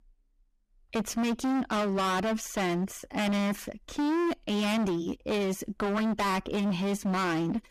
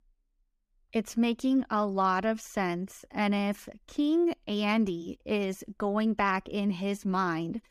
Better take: second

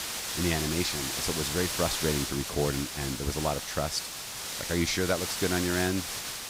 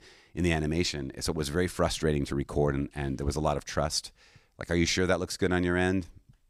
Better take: second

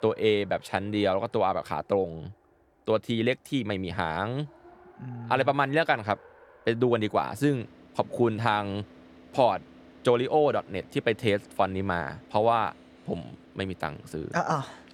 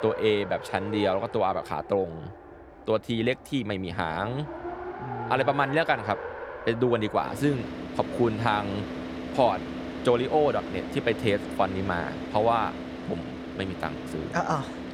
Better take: first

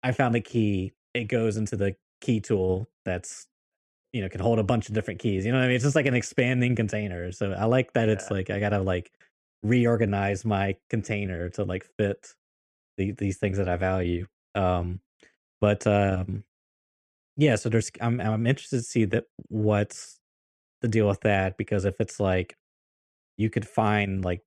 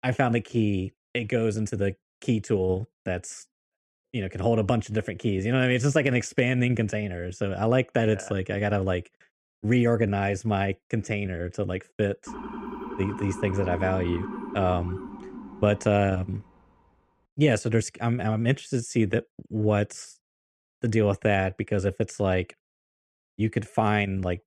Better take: first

